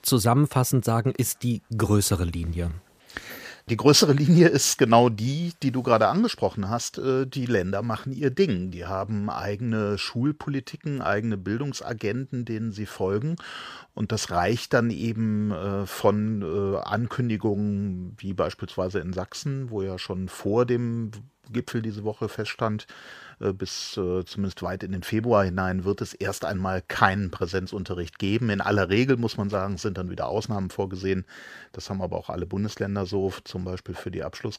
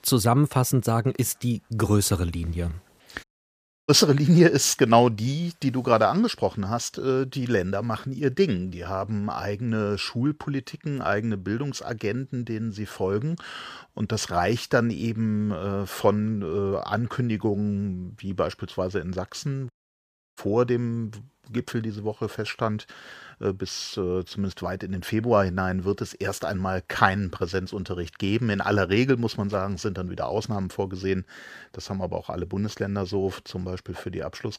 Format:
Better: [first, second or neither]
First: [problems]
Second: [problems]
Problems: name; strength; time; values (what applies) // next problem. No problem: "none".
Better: first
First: none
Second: audio cutting out; at 3 s for 0.5 s and at 20 s for 0.5 s